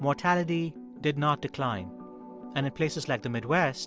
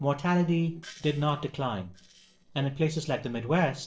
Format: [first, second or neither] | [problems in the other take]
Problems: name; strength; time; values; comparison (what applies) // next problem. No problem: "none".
first | noise reduction (neural separator model SepFormer DNS4)